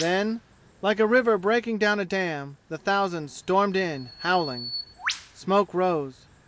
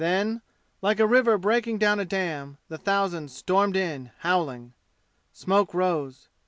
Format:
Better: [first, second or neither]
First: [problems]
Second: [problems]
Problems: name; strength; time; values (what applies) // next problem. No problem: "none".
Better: second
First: background sound (Bird vocalization, bird call, bird song); 15 dB below the speech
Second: none